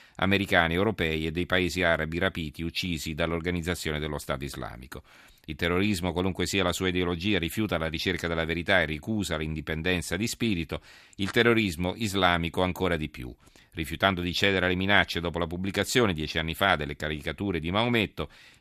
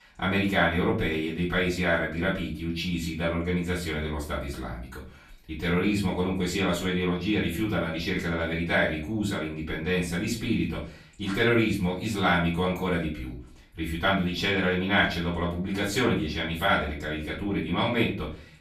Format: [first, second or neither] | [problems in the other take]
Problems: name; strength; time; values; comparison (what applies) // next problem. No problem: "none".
first | off-mic speech; far // room echo; slight; dies away in 0.4 s